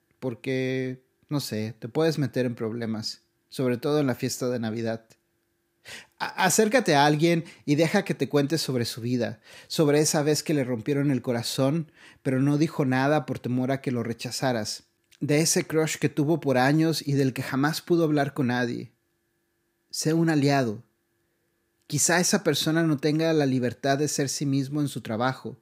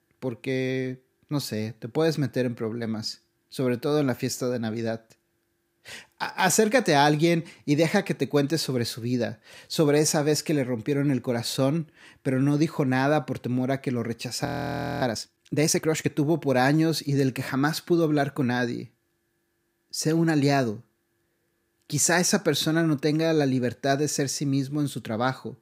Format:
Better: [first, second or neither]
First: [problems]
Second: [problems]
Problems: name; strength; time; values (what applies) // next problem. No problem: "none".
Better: first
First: none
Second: audio freezing; at 14 s for 0.5 s